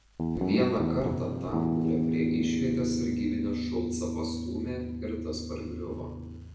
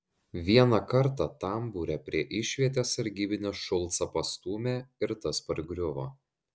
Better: second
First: background sound (Guitar); 3 dB above the speech // room echo; dies away in 0.9 s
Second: none

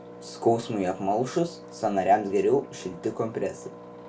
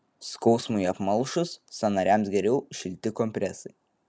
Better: second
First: background sound (Engine); 16 dB below the speech // room echo; dies away in 0.2 s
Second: none

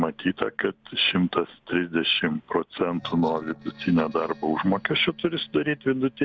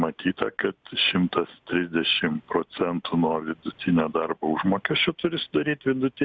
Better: second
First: noise reduction (neural separator model SepFormer DNS4)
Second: none

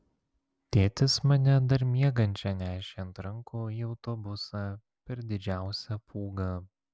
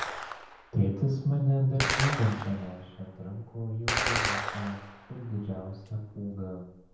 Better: first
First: none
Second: background sound (Gunshot, gunfire); 4 dB below the speech // room echo; dies away in 0.9 s

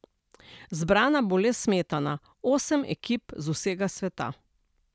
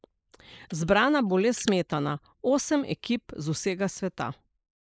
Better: first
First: none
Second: noise reduction (neural mask model Resemble Enhance denoiser)

